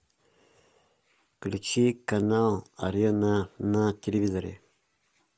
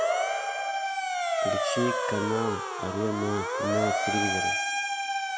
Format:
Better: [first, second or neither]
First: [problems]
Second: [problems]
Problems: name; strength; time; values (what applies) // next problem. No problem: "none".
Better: first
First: none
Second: background sound (Motor vehicle (road) / Siren); 4 dB above the speech